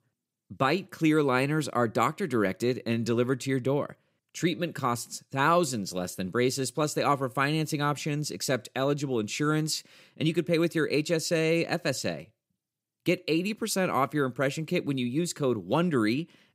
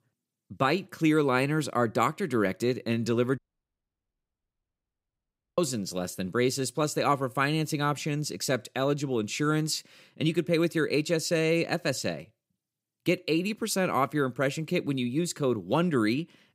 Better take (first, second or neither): first